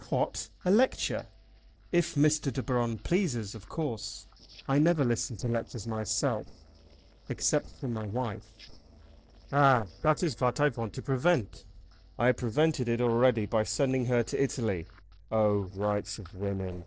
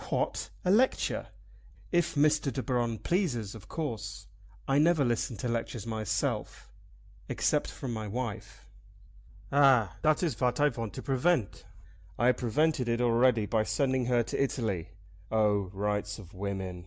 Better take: second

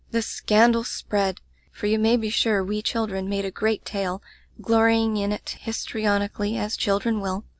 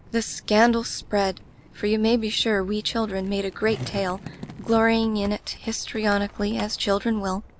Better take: first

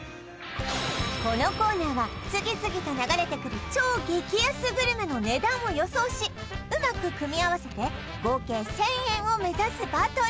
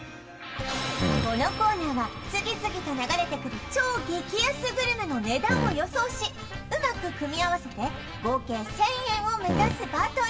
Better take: first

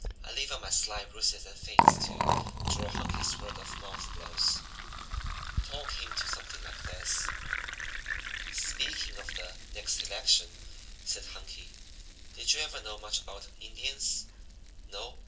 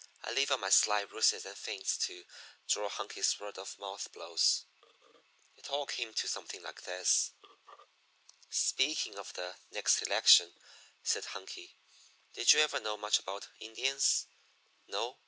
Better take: second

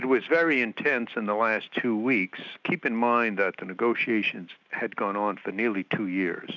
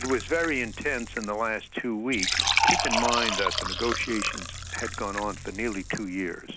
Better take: first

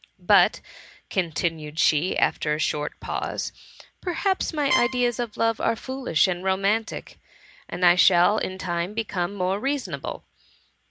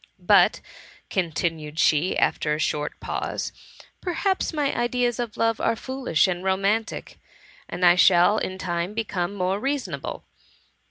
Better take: second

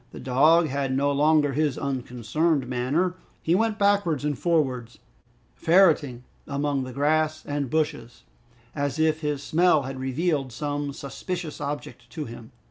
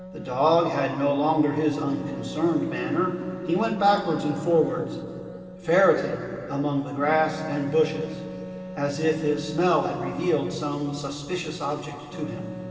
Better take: first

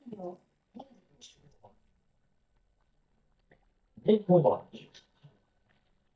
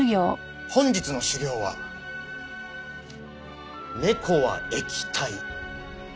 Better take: second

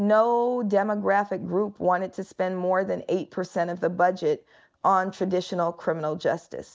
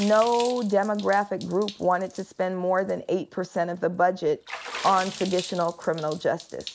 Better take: first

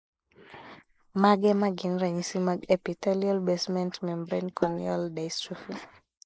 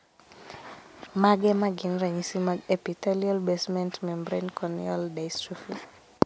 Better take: second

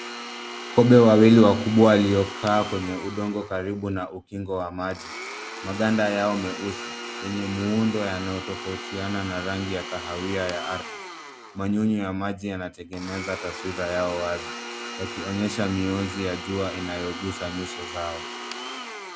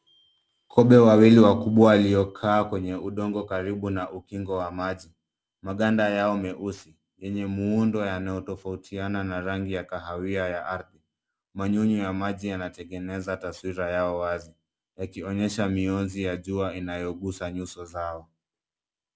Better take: second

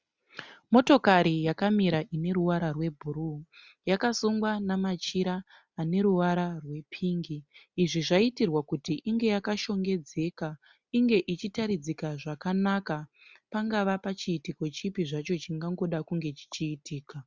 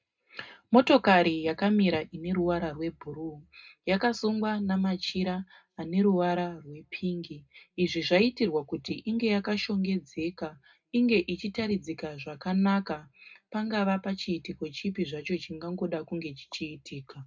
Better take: first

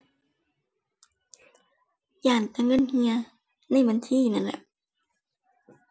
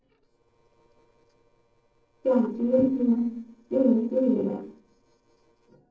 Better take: first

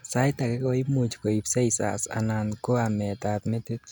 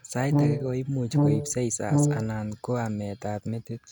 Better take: first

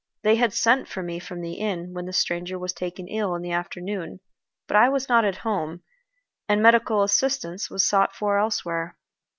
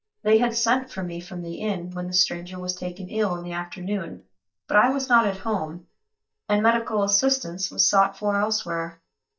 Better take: first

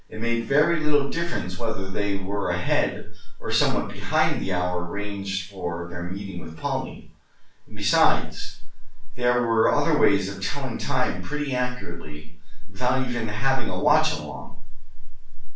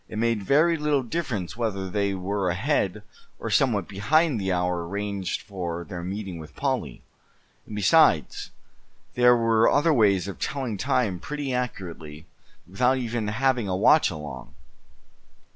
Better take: second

